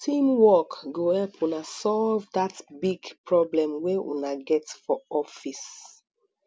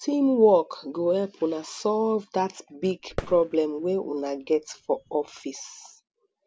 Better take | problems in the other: first | background sound (Fireworks); 16 dB below the speech

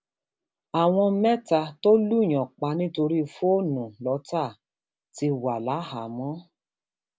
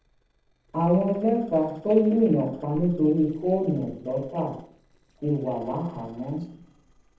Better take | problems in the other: first | noise reduction (neural separator model SepFormer DNS4)

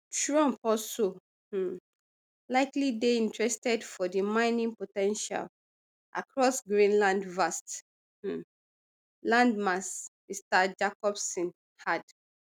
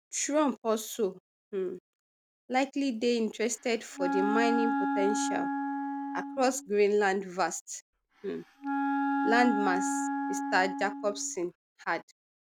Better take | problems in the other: first | background sound (Wind instrument, woodwind instrument); 1 dB below the speech

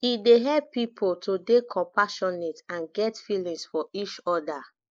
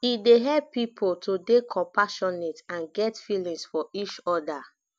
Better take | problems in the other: second | noise reduction (neural mask model Resemble Enhance denoiser)

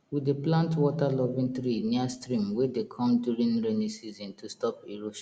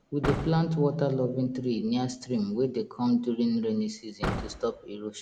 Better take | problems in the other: first | background sound (Slam / Car); 11 dB below the speech

